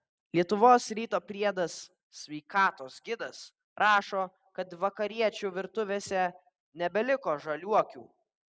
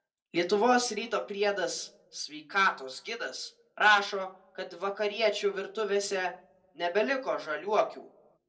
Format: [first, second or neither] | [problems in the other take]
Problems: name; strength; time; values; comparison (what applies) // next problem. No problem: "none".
first | room echo; dies away in 0.2 s